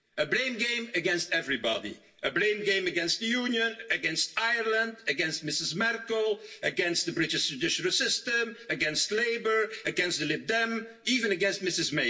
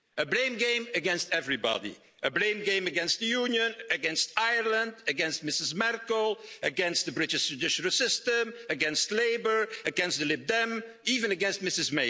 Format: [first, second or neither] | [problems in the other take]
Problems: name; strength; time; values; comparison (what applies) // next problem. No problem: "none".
second | room echo; dies away in 0.1 s